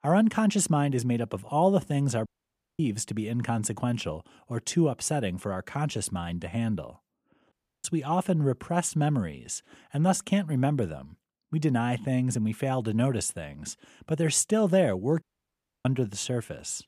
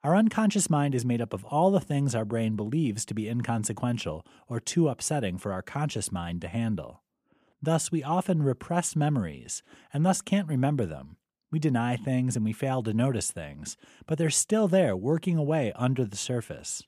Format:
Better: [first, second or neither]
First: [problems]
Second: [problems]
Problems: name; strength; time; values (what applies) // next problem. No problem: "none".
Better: second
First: audio cutting out; at 2.5 s for 0.5 s, at 7.5 s and at 15 s for 0.5 s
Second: none